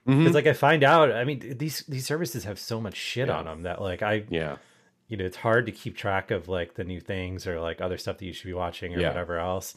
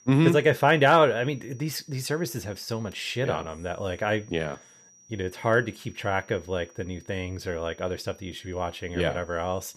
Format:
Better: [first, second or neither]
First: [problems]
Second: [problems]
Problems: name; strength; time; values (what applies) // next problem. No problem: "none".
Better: first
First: none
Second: high-pitched whine; faint; throughout; 6 kHz, 25 dB below the speech